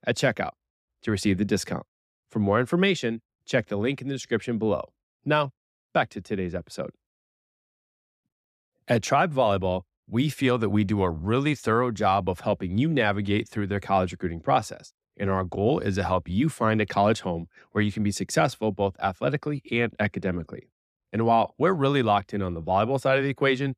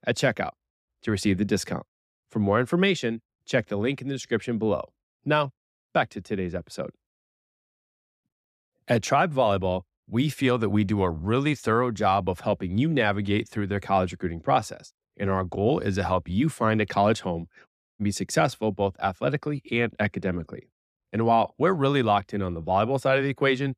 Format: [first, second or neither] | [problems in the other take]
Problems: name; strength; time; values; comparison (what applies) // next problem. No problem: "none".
first | audio cutting out; at 18 s